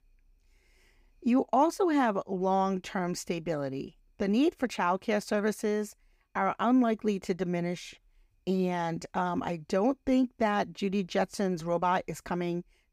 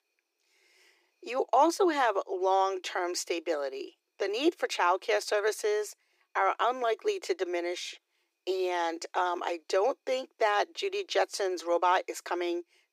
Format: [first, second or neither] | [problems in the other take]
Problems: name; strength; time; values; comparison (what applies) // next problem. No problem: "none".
first | thin; very; fading below 350 Hz